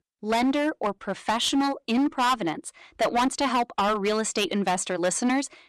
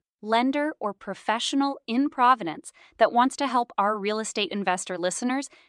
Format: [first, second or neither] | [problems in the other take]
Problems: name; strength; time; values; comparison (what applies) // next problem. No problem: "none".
second | distortion; heavy; 13% of the sound clipped